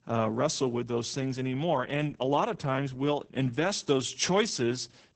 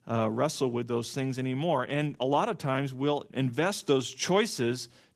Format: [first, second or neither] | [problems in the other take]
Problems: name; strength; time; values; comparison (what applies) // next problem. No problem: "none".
second | garbled, watery; badly; nothing above 8 kHz; slightly in the second